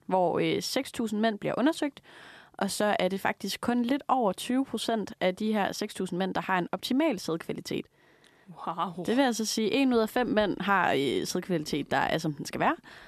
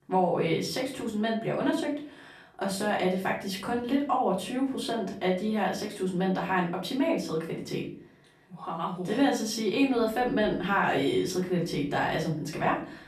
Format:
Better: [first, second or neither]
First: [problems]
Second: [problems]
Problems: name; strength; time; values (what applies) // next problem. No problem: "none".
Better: first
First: none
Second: off-mic speech; far // room echo; slight; dies away in 0.5 s